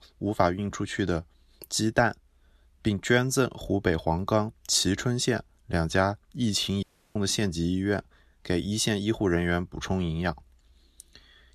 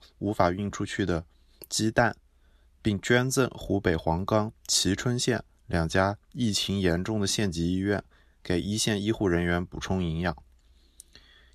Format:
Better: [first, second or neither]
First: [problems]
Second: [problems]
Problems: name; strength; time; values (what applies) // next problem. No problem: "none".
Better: second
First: audio cutting out; at 7 s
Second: none